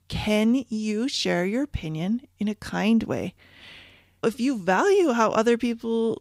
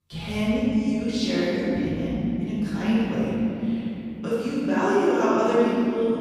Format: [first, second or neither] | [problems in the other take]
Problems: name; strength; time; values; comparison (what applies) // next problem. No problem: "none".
first | room echo; strong; dies away in 3 s // off-mic speech; far